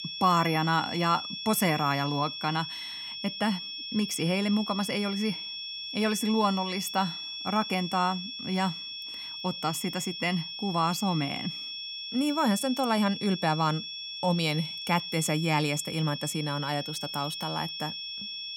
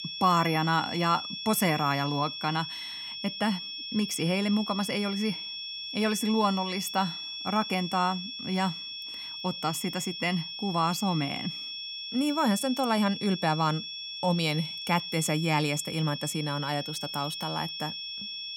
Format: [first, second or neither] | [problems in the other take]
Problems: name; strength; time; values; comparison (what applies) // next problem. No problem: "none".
neither | high-pitched whine; loud; throughout; 3.5 kHz, 6 dB below the speech; the same in both